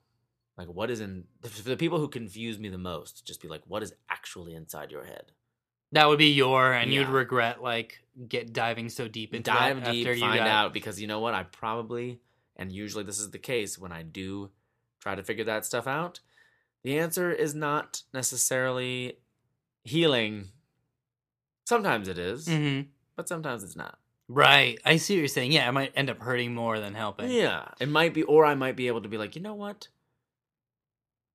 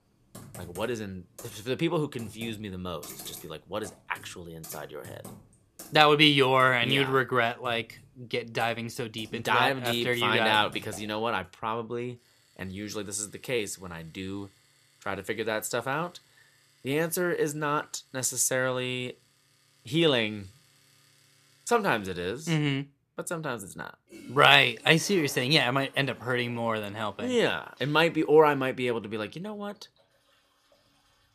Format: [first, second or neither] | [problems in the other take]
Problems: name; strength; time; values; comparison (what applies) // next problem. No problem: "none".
first | household noises; faint; throughout; 25 dB below the speech